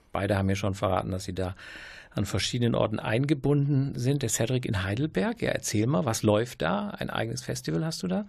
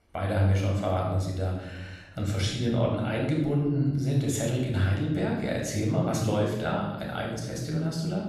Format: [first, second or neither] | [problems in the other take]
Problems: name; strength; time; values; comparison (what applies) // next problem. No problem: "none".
first | off-mic speech; far // room echo; noticeable; dies away in 1 s